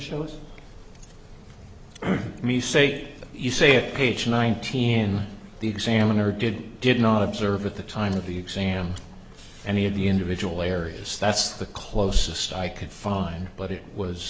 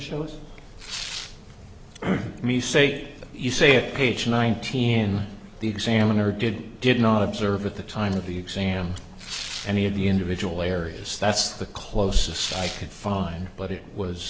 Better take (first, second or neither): first